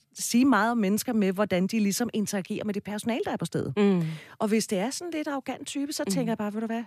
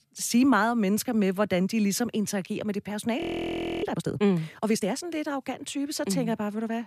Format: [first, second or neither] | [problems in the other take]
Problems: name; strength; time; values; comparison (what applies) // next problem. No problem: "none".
first | audio freezing; at 3 s for 0.5 s